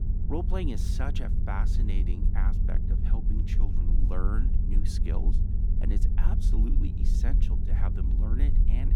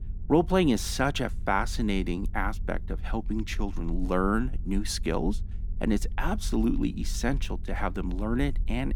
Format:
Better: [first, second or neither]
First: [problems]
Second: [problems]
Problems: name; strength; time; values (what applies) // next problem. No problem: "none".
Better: second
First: low rumble; loud; throughout; 4 dB below the speech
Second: low rumble; faint; throughout; 25 dB below the speech